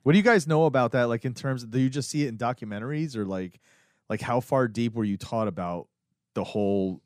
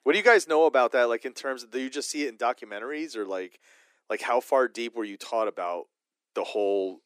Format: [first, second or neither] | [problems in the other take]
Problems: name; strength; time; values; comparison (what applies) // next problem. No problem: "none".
first | thin; very; fading below 300 Hz